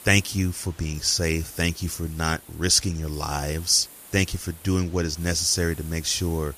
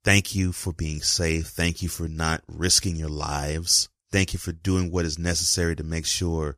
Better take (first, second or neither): second